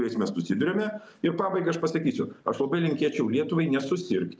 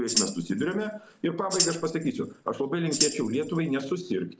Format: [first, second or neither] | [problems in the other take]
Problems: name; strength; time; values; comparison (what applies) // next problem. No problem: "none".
first | background sound (Tambourine); 4 dB below the speech